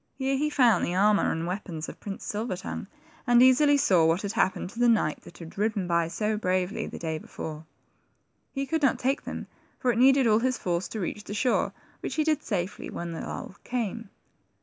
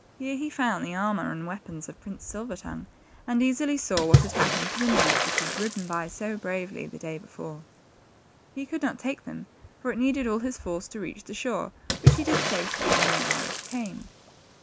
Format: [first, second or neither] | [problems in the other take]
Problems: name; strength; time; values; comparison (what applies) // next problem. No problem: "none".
first | background sound (Water / Splash, splatter); 1 dB above the speech